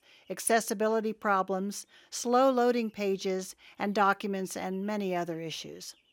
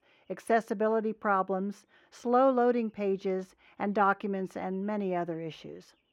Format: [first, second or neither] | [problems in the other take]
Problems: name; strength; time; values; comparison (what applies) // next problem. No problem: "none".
first | muffled; very; fading above 3 kHz